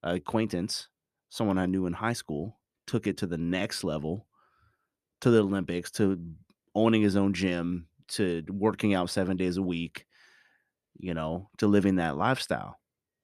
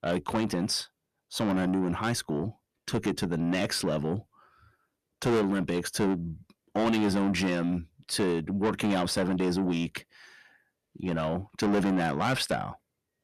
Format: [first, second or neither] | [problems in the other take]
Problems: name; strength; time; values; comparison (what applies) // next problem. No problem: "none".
first | distortion; heavy; 6 dB below the speech